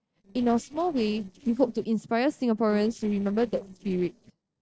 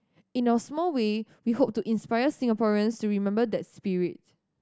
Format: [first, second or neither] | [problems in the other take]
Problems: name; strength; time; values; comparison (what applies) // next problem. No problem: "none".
second | noise reduction (neural separator model SepFormer DNS4)